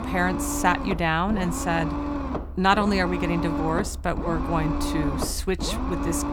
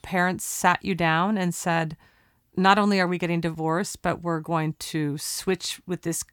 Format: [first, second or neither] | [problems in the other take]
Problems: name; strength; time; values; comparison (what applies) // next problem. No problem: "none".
second | low rumble; loud; throughout; 6 dB below the speech